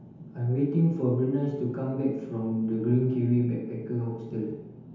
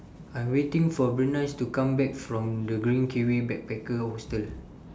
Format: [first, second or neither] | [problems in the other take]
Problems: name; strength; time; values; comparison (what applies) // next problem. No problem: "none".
second | room echo; dies away in 1 s